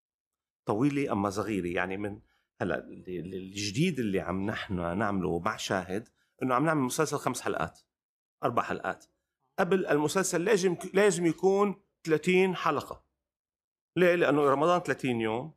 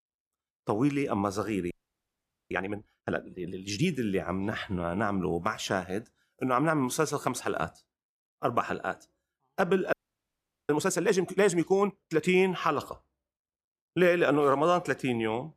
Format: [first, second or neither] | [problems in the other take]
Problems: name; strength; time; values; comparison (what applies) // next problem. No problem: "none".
first | audio freezing; at 1.5 s for 1 s and at 10 s for 1 s